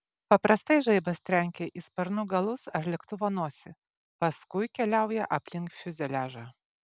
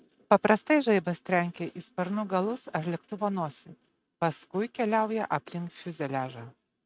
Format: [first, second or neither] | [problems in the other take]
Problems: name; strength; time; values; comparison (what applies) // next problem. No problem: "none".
first | noise reduction (neural mask model RNNoise)